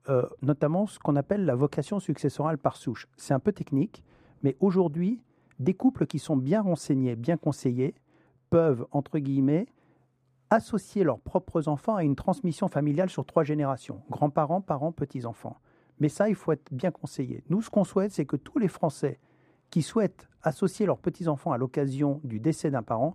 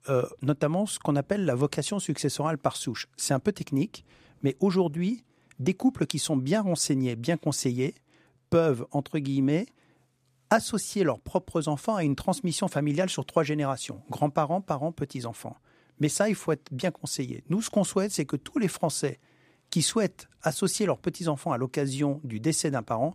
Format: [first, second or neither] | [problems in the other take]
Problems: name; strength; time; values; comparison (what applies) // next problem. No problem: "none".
second | muffled; slightly; fading above 2 kHz